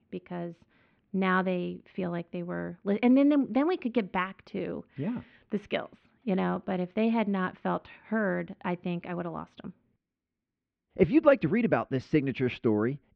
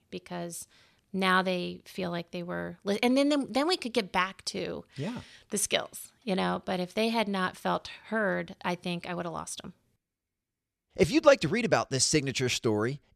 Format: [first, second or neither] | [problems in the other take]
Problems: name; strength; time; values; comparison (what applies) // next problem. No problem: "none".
second | muffled; very; fading above 2.5 kHz